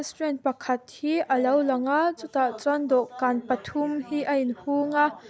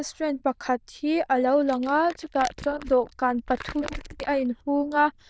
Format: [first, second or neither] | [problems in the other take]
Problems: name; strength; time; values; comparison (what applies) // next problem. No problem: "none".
first | noise reduction (neural diffusion model UNIVERSE++)